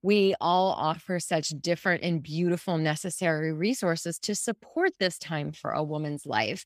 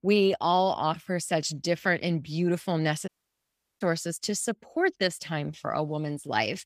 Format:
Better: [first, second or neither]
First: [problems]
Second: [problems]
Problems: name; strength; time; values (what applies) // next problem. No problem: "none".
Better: first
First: none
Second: audio cutting out; at 3 s for 0.5 s